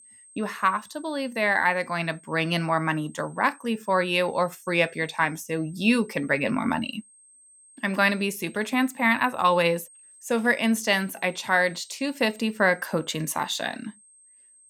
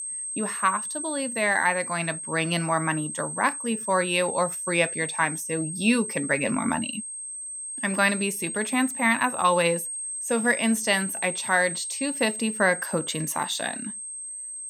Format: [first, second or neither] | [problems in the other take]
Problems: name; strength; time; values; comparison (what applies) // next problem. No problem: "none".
first | high-pitched whine; loud; throughout; 8.5 kHz, 6 dB below the speech; faint in the first